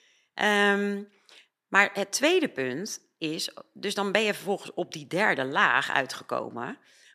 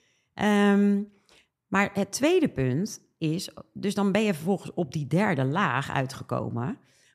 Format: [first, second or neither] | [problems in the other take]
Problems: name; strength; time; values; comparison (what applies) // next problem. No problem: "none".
second | thin; somewhat; fading below 350 Hz